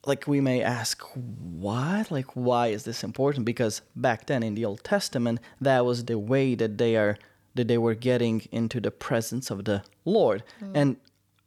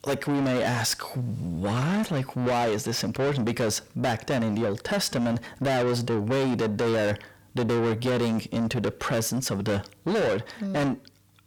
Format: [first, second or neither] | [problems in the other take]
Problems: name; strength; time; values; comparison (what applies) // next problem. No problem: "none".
first | distortion; heavy; 6 dB below the speech